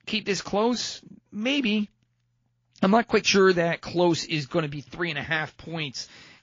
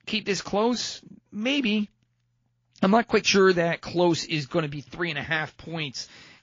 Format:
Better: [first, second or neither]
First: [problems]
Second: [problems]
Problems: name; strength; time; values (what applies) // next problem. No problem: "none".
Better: neither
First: garbled, watery; slightly; nothing above 6 kHz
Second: garbled, watery; slightly; nothing above 6 kHz